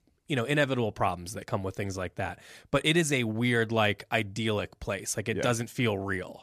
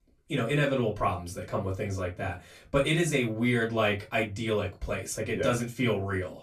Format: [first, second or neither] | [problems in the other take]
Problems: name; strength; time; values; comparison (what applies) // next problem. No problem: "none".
first | off-mic speech; far // room echo; very slight; dies away in 0.2 s